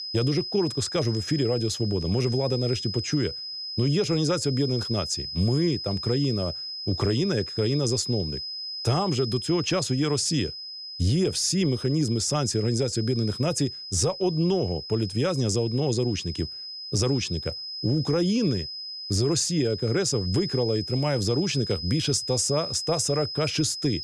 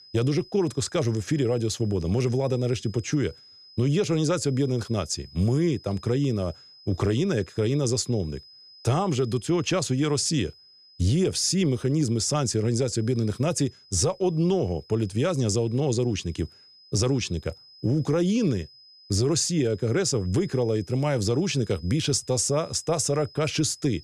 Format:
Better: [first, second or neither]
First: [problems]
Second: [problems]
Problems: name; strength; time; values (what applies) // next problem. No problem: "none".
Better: second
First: high-pitched whine; loud; throughout; 5 kHz, 7 dB below the speech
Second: high-pitched whine; faint; throughout; 5 kHz, 25 dB below the speech